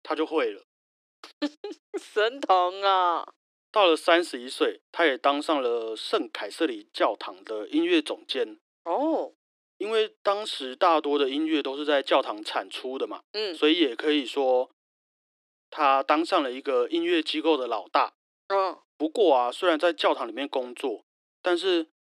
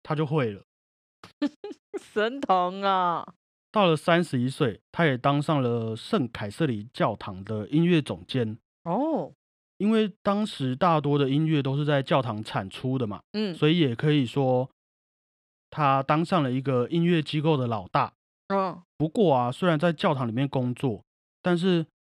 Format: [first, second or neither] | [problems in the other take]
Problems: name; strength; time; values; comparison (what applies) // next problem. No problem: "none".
second | thin; somewhat; fading below 300 Hz